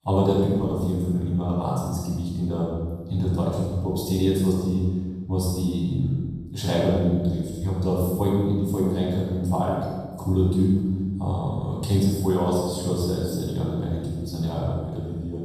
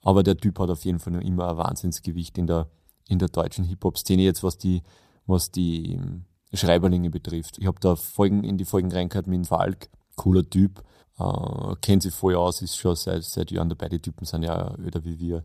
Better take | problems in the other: second | off-mic speech; far // room echo; strong; dies away in 1.5 s

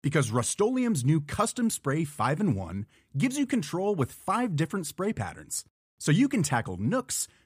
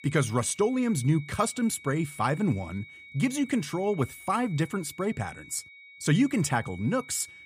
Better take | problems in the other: first | high-pitched whine; noticeable; throughout; 2.5 kHz, 20 dB below the speech

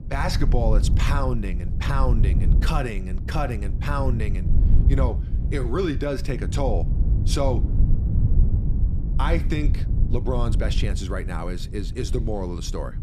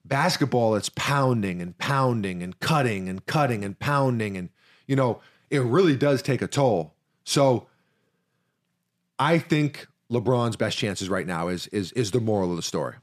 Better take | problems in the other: second | low rumble; loud; throughout; 10 dB below the speech

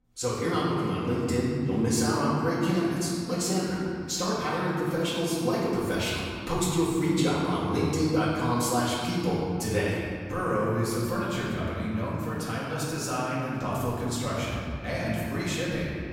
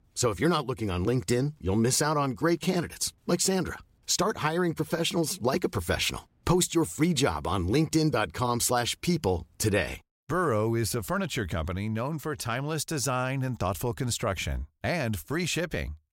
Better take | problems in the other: second | room echo; strong; dies away in 2.3 s // off-mic speech; far

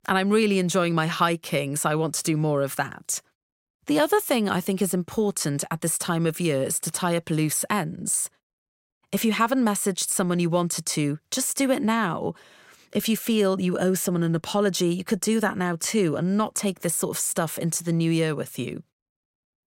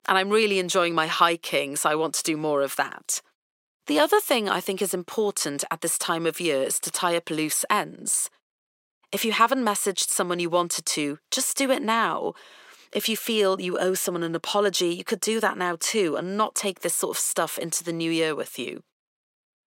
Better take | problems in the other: first | thin; somewhat; fading below 350 Hz

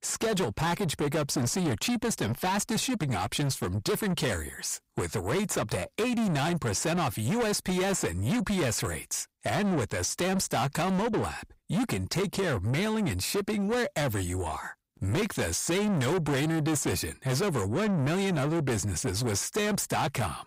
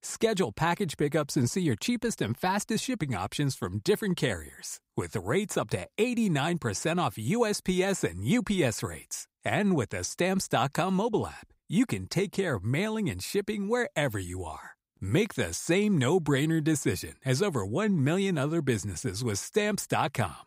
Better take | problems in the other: second | distortion; heavy; 7 dB below the speech

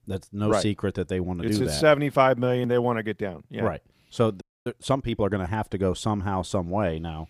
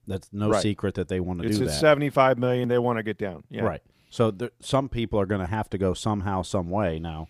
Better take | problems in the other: second | audio freezing; at 4.5 s

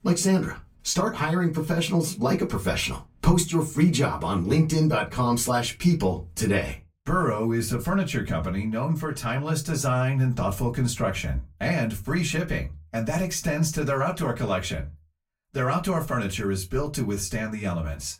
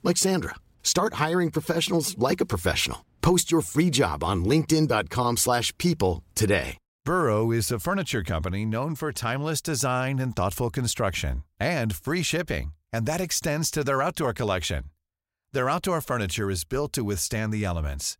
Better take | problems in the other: second | off-mic speech; far // room echo; very slight; dies away in 0.2 s

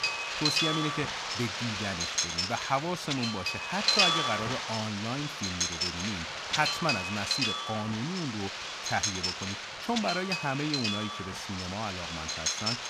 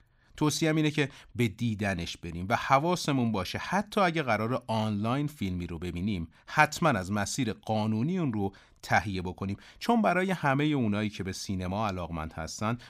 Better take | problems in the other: second | wind noise on the microphone; heavy; 5 dB above the speech

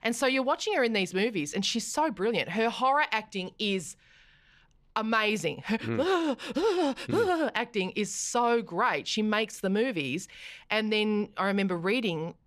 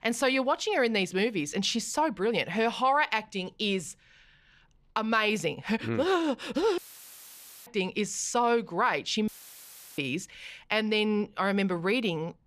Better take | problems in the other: first | audio cutting out; filled with static; at 7 s for 1 s and at 9.5 s for 0.5 s

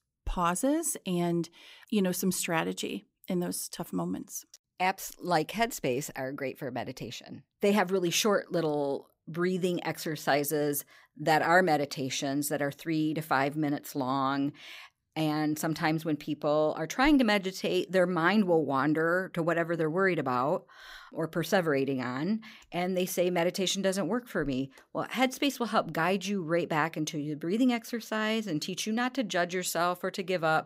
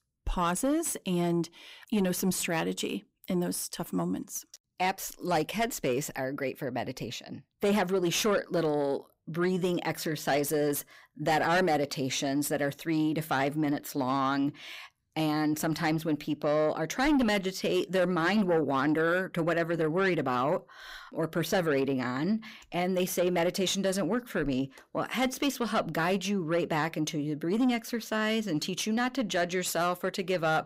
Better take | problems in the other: first | distortion; slight; 10 dB below the speech

